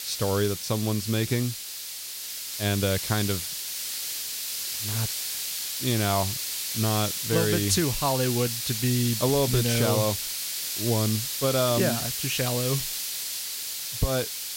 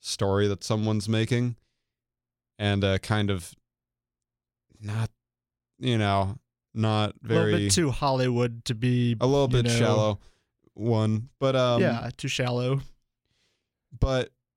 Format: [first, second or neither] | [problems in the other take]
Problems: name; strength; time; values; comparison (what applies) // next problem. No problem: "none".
second | hiss; loud; throughout; 2 dB below the speech